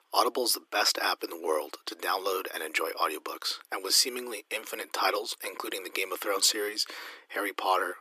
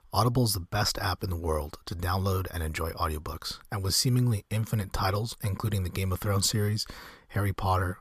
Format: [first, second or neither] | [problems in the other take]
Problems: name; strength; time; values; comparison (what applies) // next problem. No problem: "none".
second | thin; very; fading below 300 Hz